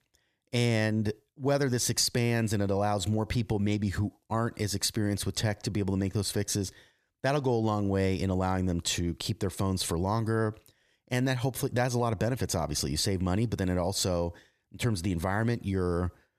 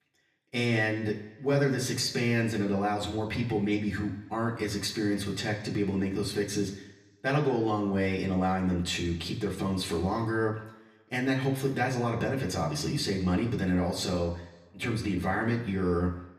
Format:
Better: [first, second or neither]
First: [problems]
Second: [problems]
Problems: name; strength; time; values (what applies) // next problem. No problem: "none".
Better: first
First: none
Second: room echo; slight; dies away in 1 s // off-mic speech; far